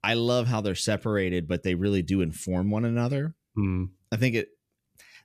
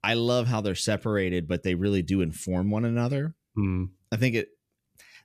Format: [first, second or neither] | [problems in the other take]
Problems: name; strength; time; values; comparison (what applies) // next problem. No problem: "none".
neither | none